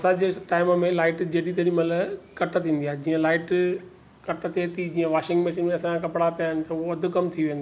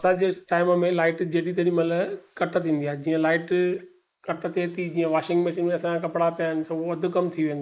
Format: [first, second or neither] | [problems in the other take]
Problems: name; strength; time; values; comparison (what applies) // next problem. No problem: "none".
first | noise reduction (neural mask model Resemble Enhance denoiser)